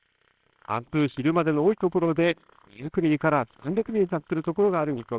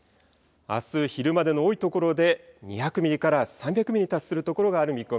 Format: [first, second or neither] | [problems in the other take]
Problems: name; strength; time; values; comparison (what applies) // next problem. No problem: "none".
second | noise reduction (neural separator model SepFormer WHAMR!)